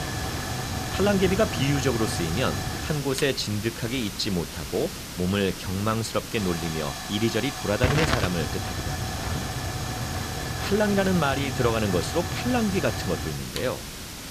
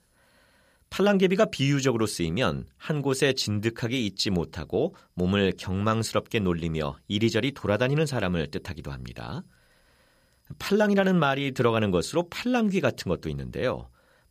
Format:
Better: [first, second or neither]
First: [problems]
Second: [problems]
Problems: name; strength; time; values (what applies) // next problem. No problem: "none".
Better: second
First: hiss; loud; throughout; 4 dB below the speech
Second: none